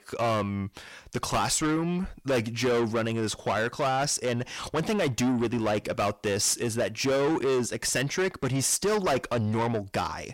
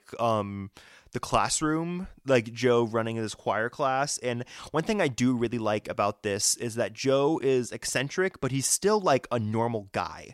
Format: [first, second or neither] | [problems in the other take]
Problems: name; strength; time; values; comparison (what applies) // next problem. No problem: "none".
second | distortion; heavy; 7 dB below the speech